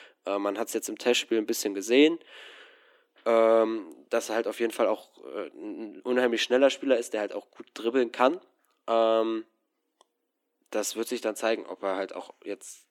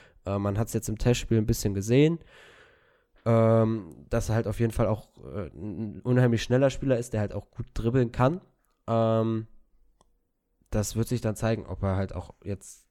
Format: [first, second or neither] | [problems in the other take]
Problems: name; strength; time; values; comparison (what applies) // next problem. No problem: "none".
second | thin; somewhat; fading below 300 Hz